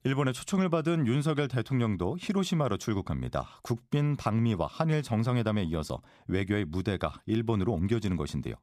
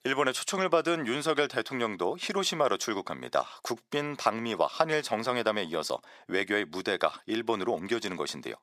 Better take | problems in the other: first | thin; very; fading below 500 Hz

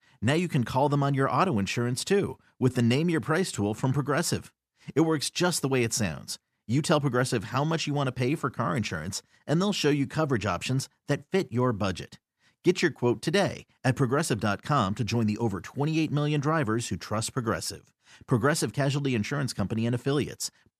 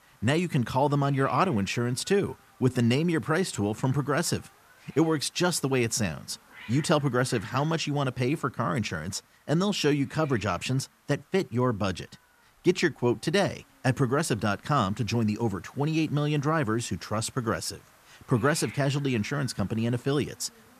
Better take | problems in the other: first | hiss; faint; throughout; 25 dB below the speech

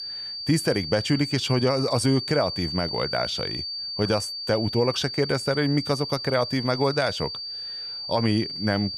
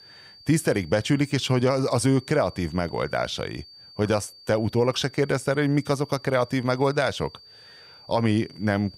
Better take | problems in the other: second | high-pitched whine; loud; throughout; 4.5 kHz, 5 dB below the speech; faint in the second

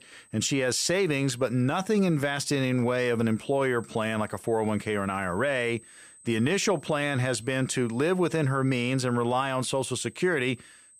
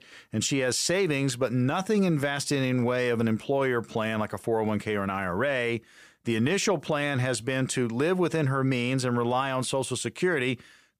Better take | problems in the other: second | high-pitched whine; faint; throughout; 8.5 kHz, 25 dB below the speech

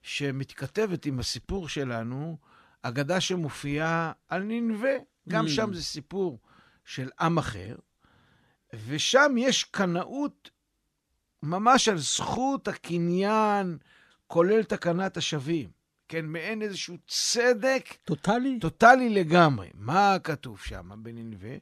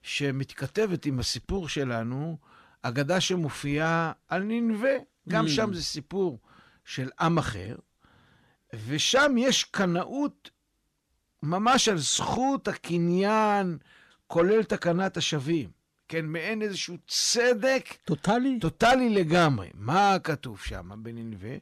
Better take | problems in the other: first | distortion; slight; 10 dB below the speech

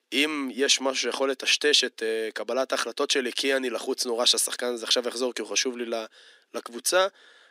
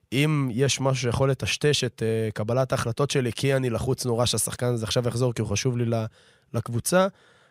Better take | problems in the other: second | thin; somewhat; fading below 250 Hz

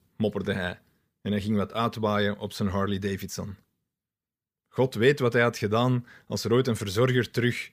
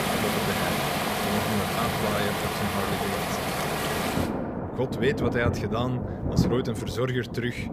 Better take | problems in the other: first | rain or running water; very loud; throughout; 2 dB above the speech

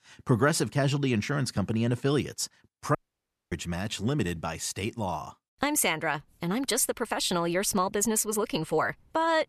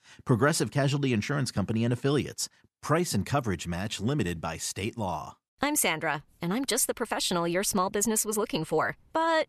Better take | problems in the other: second | audio cutting out; at 3 s for 0.5 s

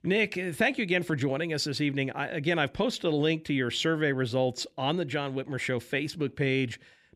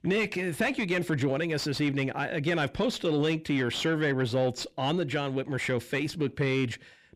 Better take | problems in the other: first | distortion; slight; 10 dB below the speech

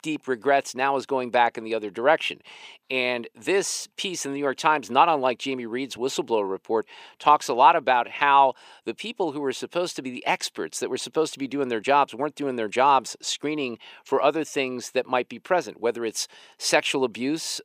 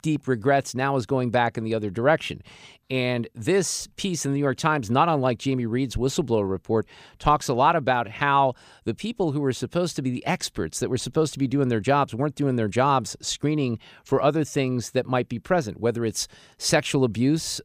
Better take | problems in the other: second | thin; somewhat; fading below 400 Hz

